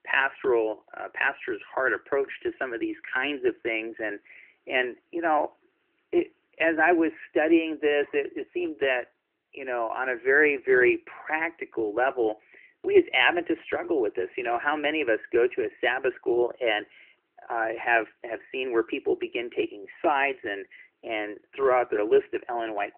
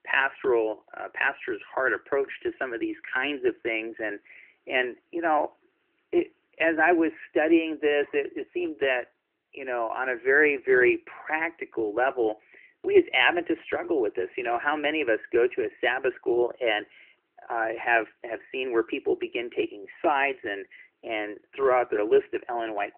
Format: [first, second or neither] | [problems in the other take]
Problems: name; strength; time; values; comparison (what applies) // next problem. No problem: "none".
neither | phone-call audio; nothing above 3 kHz; the same in both